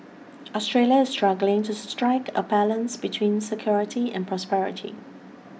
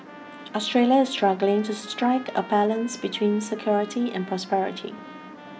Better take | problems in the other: first | background sound (Trumpet); 19 dB below the speech

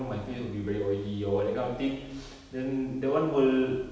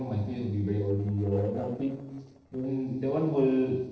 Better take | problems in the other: first | noise reduction (neural separator model SepFormer DNS4)

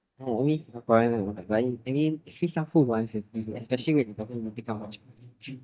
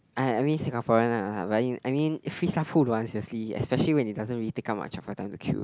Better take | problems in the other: second | noise reduction (neural mask model DeepFilterNet 3)

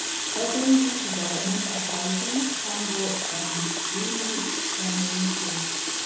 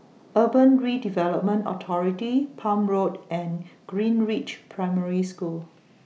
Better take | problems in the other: second | background sound (Water tap, faucet); 1 dB above the speech // room echo; dies away in 1 s

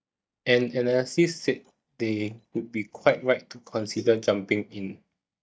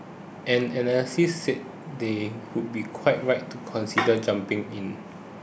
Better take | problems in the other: second | noise reduction (neural mask model DeepFilterNet 3)

